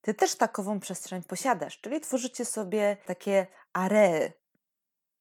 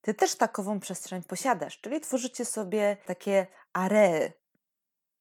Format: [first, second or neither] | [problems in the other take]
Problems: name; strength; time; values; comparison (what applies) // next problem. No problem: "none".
neither | none